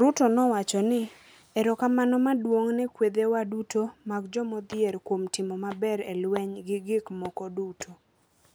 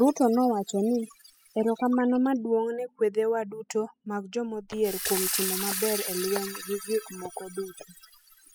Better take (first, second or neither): first